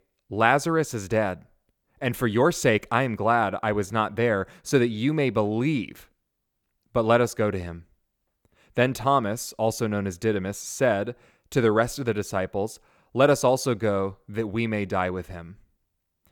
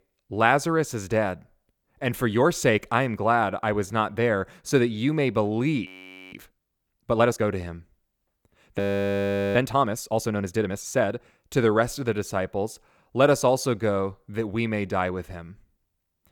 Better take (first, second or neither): first